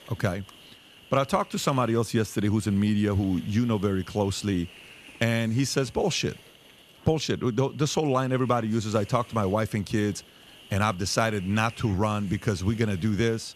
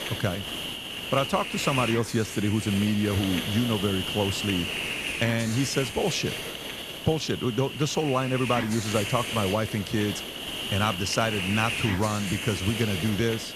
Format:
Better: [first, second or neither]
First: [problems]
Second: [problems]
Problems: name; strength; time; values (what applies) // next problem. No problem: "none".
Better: first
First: hiss; faint; throughout; 20 dB below the speech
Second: hiss; loud; throughout; 4 dB below the speech